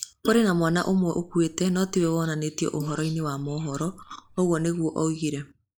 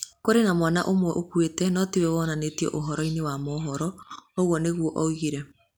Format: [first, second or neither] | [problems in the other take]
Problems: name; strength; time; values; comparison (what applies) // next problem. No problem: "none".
second | noise reduction (neural mask model Resemble Enhance denoiser)